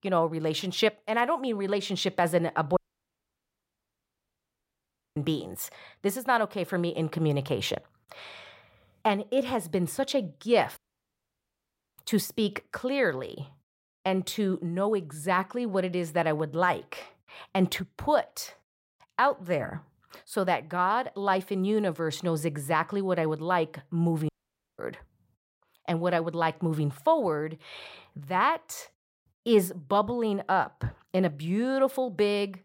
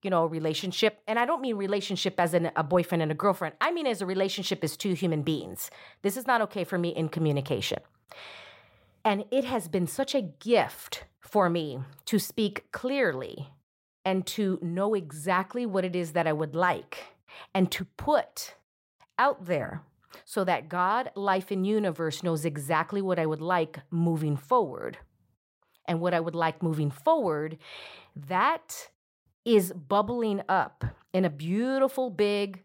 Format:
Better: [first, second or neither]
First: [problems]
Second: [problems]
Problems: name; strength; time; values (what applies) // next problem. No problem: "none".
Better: second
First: audio cutting out; at 3 s for 2.5 s, at 11 s for 1 s and at 24 s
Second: none